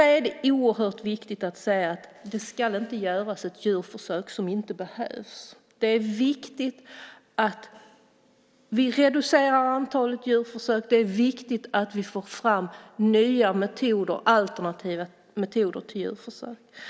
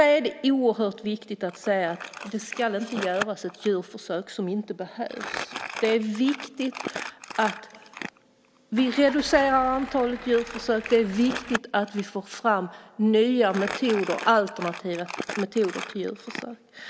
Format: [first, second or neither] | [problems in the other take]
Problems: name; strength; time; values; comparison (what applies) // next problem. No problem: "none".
first | background sound (Engine starting / Car + Crumpling, crinkling); 13 dB below the speech